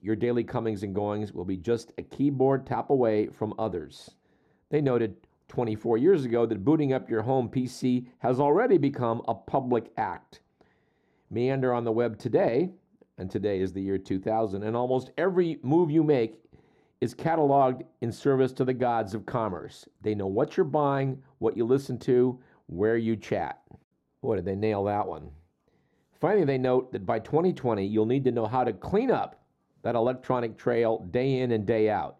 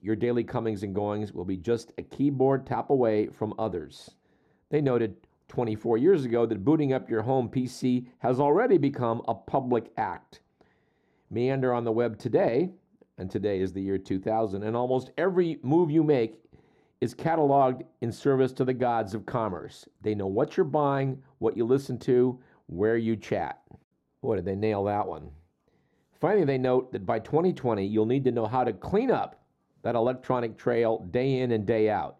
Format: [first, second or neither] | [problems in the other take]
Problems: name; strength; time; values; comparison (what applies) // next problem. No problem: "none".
neither | muffled; very; fading above 1.5 kHz; the same in both